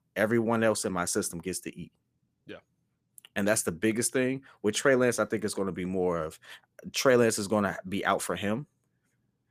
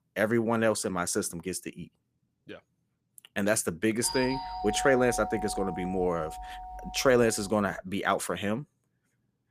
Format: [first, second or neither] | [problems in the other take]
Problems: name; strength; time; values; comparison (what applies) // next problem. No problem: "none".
first | doorbell; noticeable; from 4 to 7.5 s; peak 5 dB below the speech